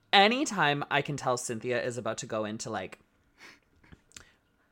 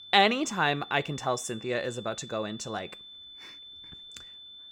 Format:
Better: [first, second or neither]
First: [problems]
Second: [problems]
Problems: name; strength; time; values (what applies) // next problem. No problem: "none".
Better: first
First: none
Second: high-pitched whine; noticeable; throughout; 3.5 kHz, 15 dB below the speech